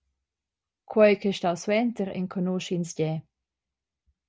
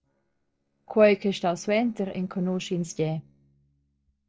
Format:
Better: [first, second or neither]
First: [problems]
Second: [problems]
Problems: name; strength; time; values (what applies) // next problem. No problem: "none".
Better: first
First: none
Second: noise reduction (neural separator model SepFormer DNS4)